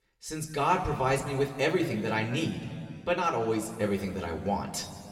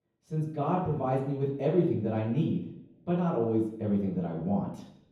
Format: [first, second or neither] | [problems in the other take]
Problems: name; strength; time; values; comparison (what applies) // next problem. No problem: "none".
first | room echo; strong; dies away in 0.9 s; slight in the first // off-mic speech; far